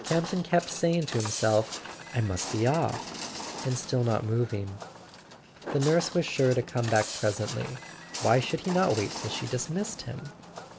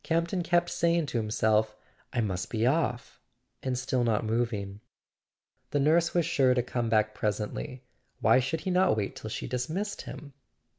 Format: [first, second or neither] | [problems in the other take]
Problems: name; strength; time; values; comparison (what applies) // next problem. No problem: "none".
second | background sound (Walk, footsteps); 11 dB below the speech